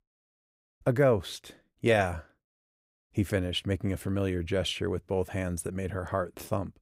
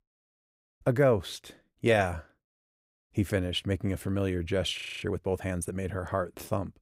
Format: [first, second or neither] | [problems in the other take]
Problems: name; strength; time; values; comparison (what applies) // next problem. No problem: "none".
first | audio freezing; at 5 s